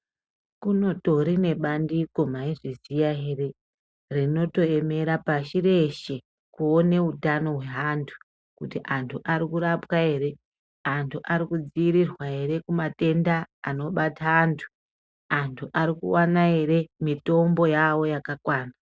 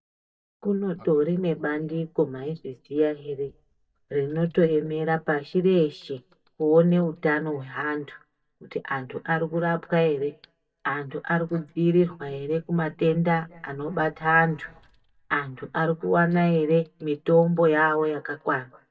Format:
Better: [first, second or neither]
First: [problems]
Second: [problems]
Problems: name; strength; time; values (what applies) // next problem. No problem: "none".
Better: first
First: none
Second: noise reduction (neural mask model DeepFilterNet 3)